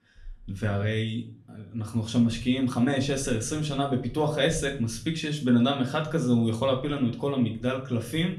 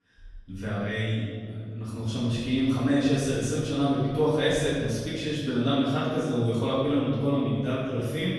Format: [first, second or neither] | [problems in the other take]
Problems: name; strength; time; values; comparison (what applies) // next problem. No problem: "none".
first | room echo; strong; dies away in 1.9 s; slight in the first // off-mic speech; far; somewhat distant in the first